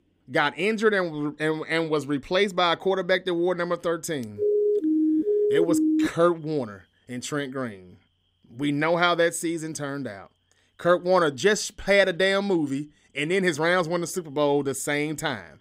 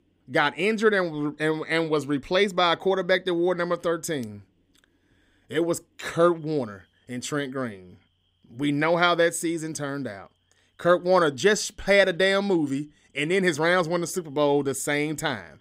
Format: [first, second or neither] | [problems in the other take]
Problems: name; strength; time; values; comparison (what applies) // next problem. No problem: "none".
second | siren; loud; from 4.5 to 6 s; peak 2 dB above the speech